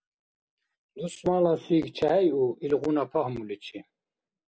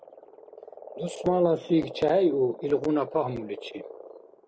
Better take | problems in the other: first | background sound (Frog); 15 dB below the speech

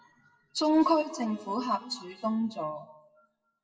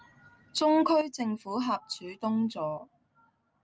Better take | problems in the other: second | noise reduction (classical method WPE with log-MMSE)

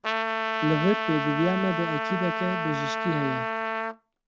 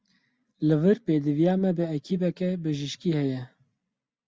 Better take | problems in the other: second | background sound (Trumpet); as loud as the speech

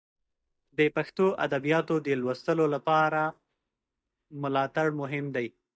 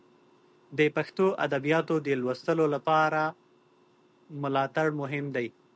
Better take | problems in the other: second | noise reduction (neural mask model DeepFilterNet 3)

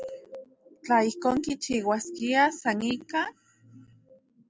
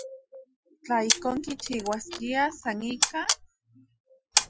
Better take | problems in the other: first | noise reduction (classical method Wiener filter)

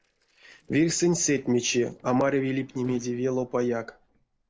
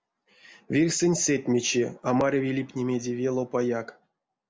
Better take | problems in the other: second | noise reduction (neural separator model SepFormer DNS4)

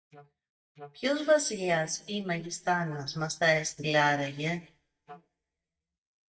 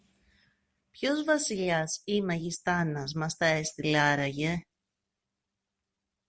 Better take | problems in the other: second | noise reduction (neural mask model DeepFilterNet 3)

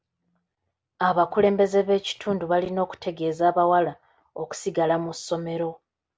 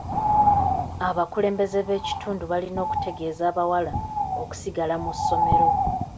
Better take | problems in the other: first | background sound (Bird); 2 dB above the speech

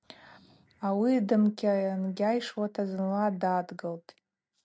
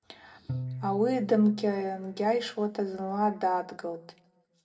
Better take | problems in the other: first | background sound (Bowed string instrument); 13 dB below the speech // room echo; dies away in 0.7 s

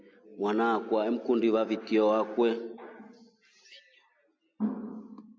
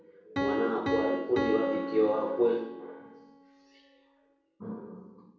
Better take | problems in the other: first | background sound (Piano); 5 dB below the speech // room echo; dies away in 0.6 s

